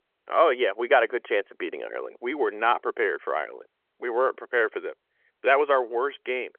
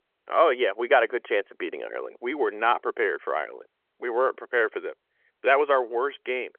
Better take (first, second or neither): neither